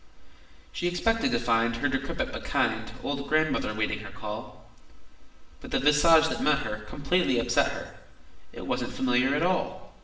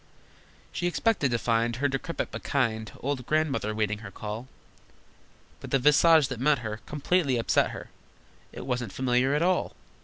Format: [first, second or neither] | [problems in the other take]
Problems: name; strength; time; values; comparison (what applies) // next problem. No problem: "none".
second | room echo; dies away in 0.8 s